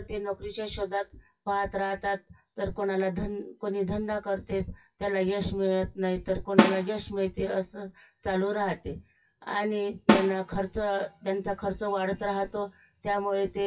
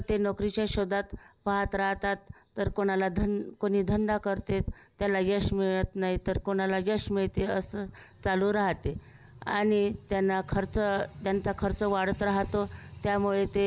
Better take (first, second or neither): second